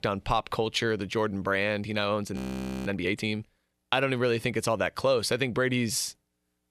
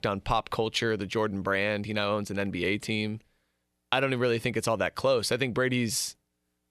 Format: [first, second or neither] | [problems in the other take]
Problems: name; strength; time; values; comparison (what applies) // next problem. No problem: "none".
second | audio freezing; at 2.5 s for 0.5 s